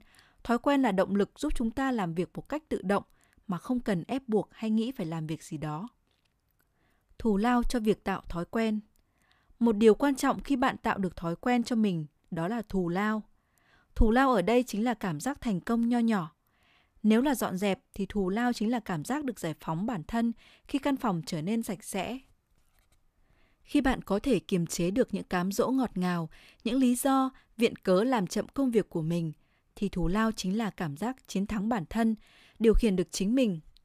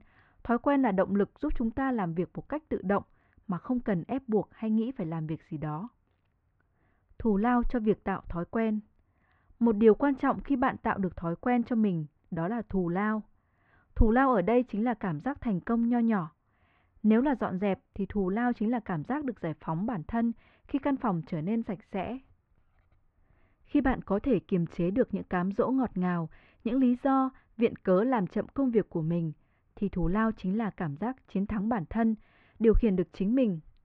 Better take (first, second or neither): first